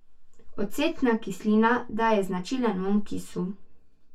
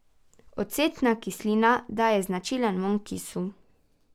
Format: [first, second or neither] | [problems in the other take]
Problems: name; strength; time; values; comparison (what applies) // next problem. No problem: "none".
second | room echo; dies away in 0.2 s